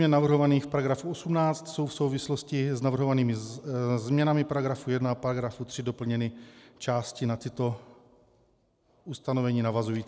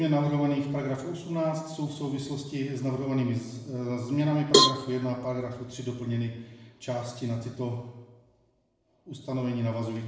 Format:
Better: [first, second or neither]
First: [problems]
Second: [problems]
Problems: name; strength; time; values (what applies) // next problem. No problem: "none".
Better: first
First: none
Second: background sound (Cowbell); 3 dB above the speech // room echo; dies away in 0.9 s